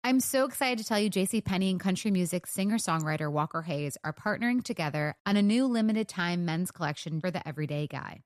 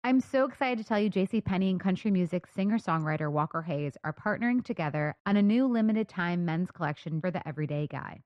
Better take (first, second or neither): first